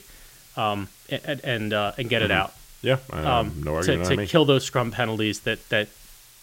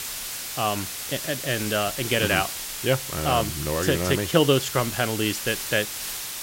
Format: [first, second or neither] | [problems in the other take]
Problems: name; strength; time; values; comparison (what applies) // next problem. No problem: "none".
first | hiss; loud; throughout; 5 dB below the speech; faint in the first